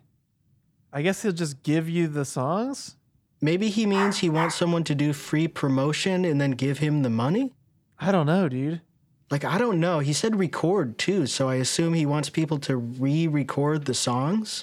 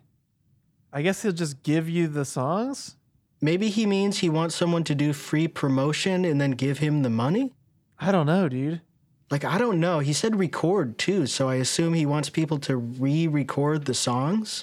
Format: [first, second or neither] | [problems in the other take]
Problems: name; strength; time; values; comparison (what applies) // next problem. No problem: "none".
second | dog barking; noticeable; at 4 s; peak 5 dB below the speech